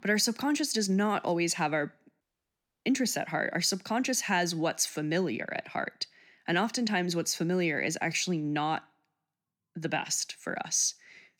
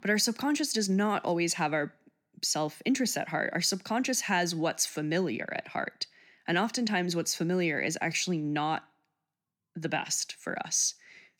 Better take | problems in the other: second | audio cutting out; at 2 s for 0.5 s

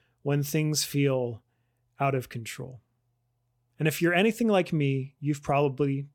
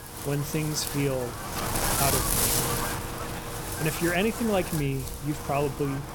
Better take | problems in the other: first | wind noise on the microphone; heavy; 1 dB below the speech

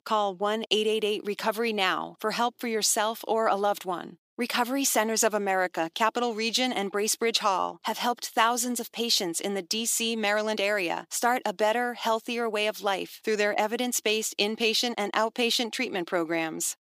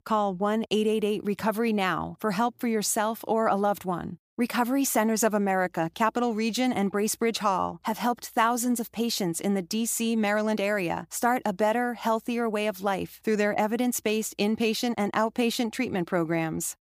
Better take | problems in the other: second | thin; very slightly; fading below 350 Hz

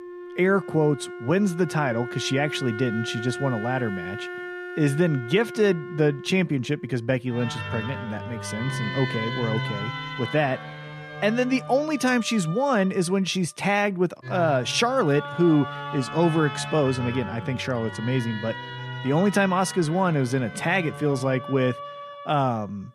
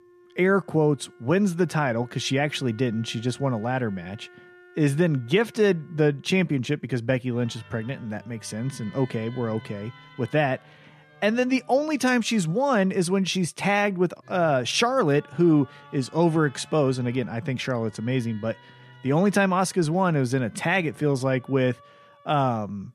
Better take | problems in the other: second | background music; loud; throughout; 10 dB below the speech; faint in the second

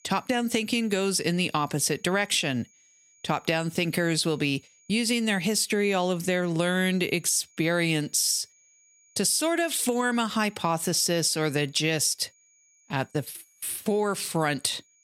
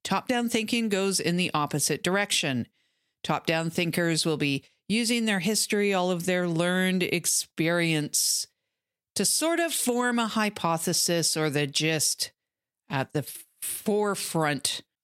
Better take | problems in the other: second | high-pitched whine; faint; throughout; 6.5 kHz, 30 dB below the speech

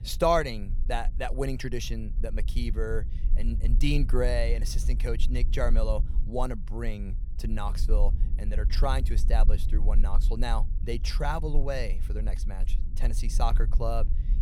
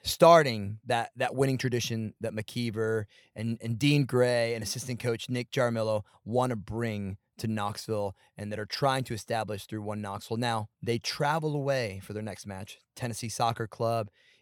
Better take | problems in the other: second | low rumble; noticeable; throughout; 20 dB below the speech

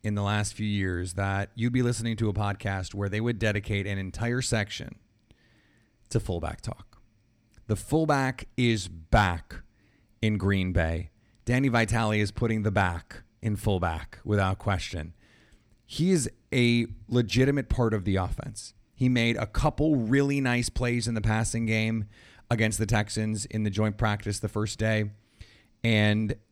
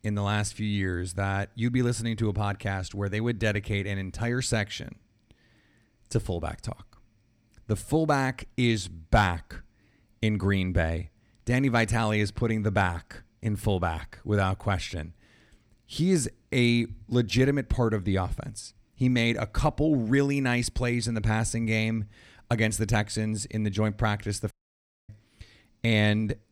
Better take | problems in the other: first | audio cutting out; at 25 s for 0.5 s

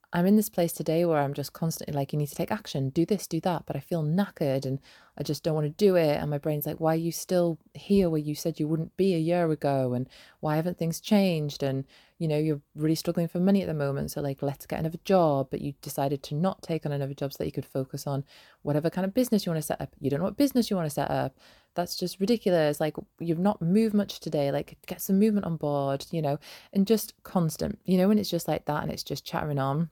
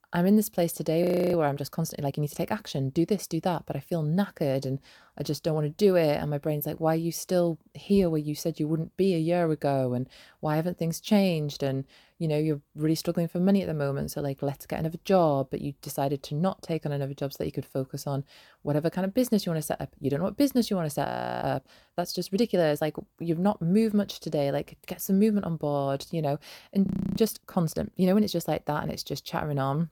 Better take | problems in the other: first | audio freezing; at 1 s, at 21 s and at 27 s

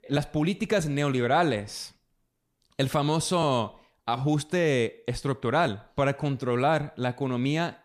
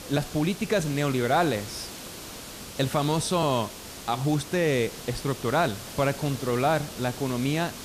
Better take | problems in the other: first | hiss; noticeable; throughout; 10 dB below the speech

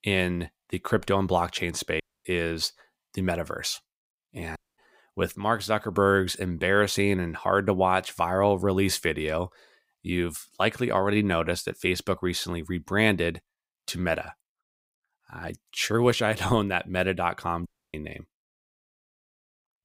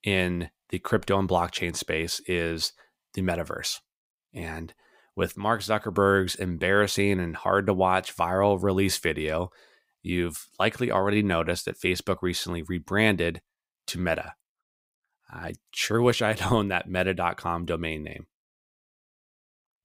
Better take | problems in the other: second | audio cutting out; at 2 s, at 4.5 s and at 18 s

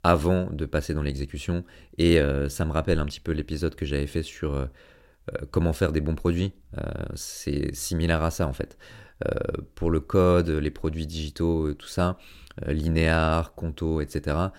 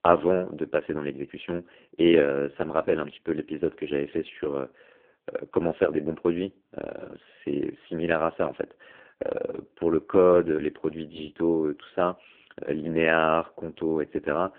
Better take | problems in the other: first | phone-call audio; poor line

